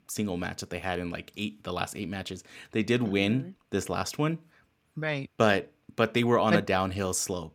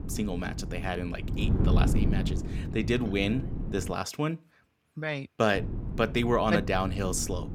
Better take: first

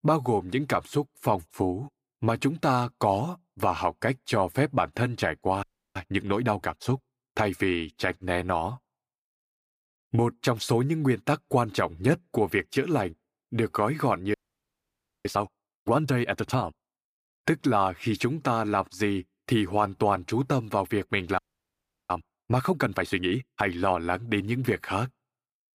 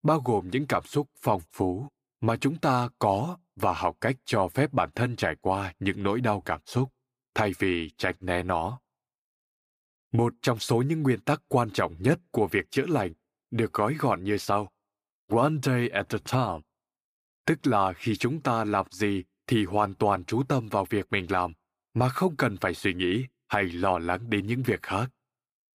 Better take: second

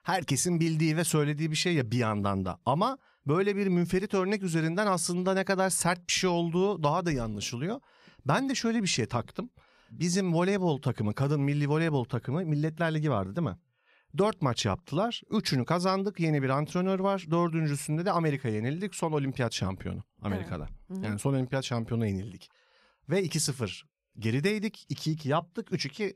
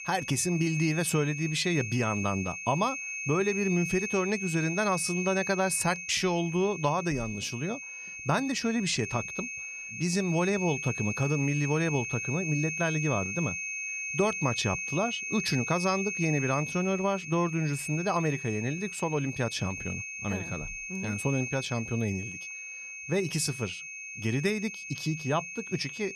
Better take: first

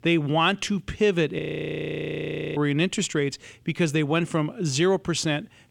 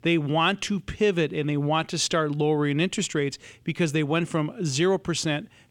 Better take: second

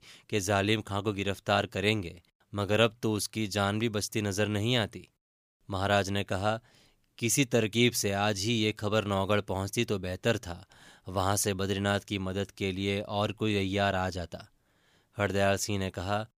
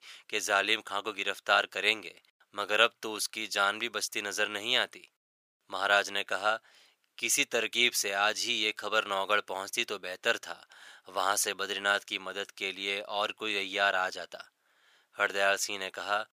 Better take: first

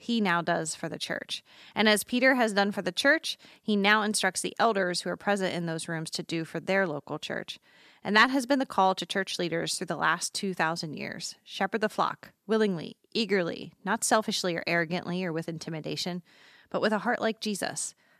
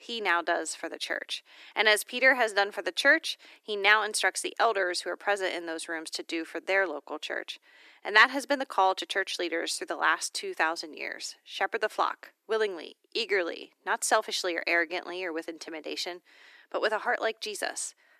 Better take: first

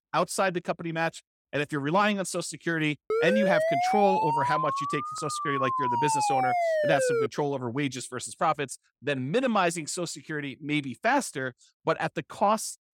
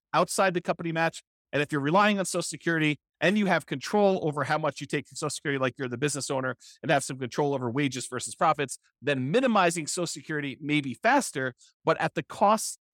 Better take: second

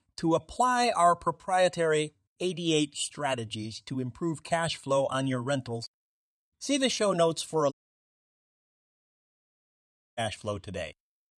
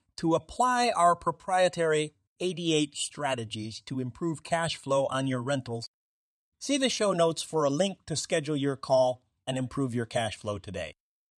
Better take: second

